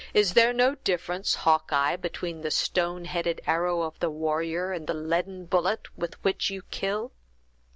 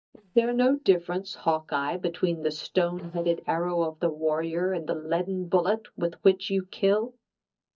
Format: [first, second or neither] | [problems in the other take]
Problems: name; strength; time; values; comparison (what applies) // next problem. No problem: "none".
first | noise reduction (neural mask model DeepFilterNet 3)